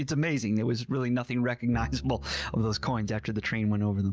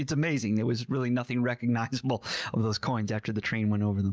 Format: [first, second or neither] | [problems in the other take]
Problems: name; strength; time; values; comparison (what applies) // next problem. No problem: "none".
second | background sound (Bowed string instrument); 15 dB below the speech